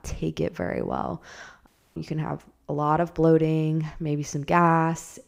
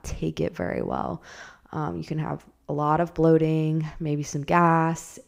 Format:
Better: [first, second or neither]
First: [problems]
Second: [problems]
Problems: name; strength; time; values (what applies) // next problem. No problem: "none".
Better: second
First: audio cutting out; at 1.5 s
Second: none